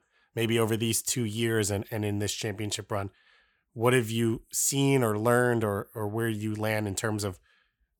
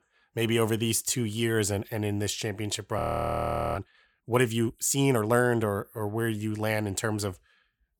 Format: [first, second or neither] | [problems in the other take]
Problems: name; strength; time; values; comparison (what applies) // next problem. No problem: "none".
first | audio freezing; at 3 s for 1 s